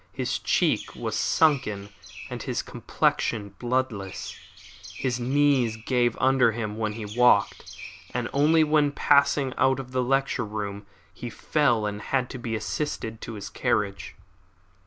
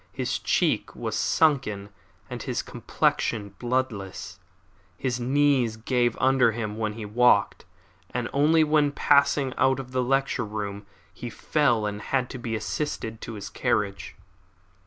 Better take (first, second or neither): second